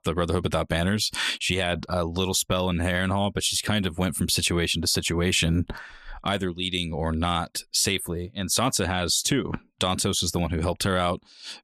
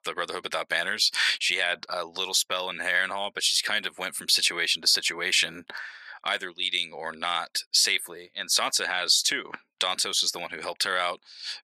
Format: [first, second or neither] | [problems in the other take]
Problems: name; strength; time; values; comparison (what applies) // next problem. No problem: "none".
first | thin; very; fading below 550 Hz